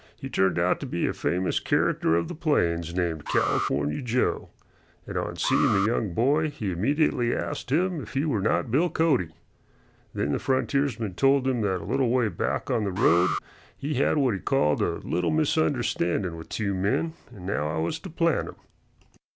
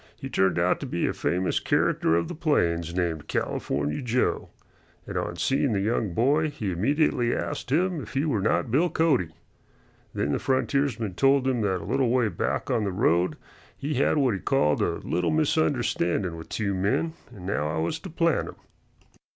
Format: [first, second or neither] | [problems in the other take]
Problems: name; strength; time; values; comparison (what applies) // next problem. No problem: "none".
second | background sound (Alarm); 7 dB below the speech